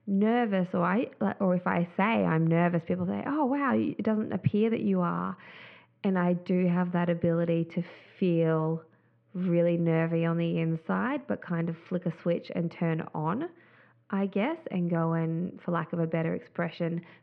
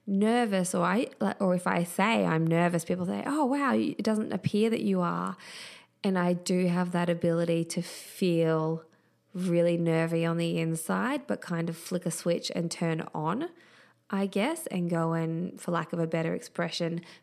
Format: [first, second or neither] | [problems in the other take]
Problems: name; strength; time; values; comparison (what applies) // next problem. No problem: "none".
second | muffled; very; fading above 2.5 kHz